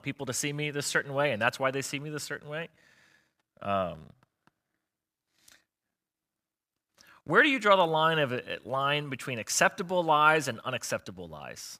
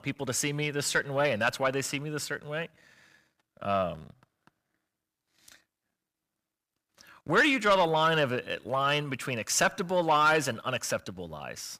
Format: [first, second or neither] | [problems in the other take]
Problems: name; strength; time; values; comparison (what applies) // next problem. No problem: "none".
first | distortion; slight; 10 dB below the speech